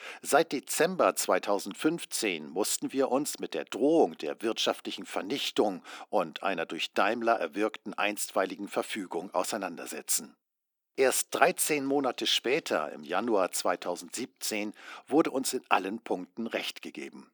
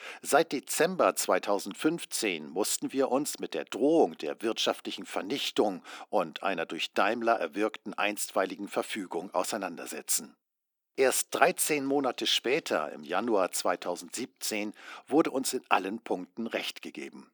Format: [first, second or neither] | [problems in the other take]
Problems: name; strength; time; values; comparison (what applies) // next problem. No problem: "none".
neither | thin; somewhat; fading below 250 Hz; the same in both